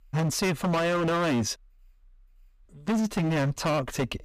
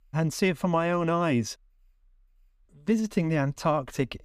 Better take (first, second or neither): second